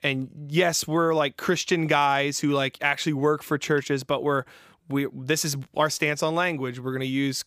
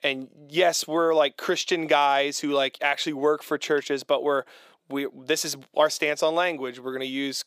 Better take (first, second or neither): first